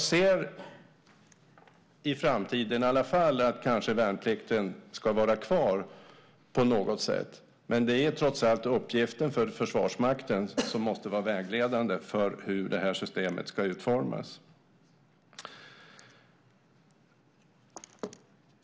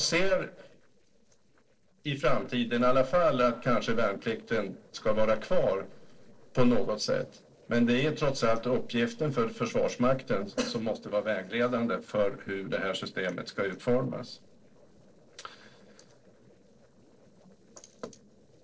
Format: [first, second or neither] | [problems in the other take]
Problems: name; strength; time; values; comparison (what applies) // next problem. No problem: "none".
first | noise reduction (neural separator model SepFormer DNS4)